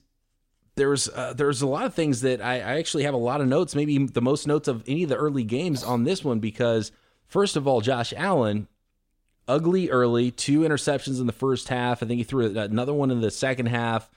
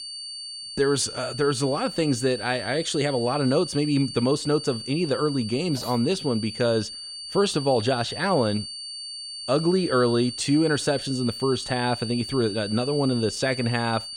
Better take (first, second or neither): first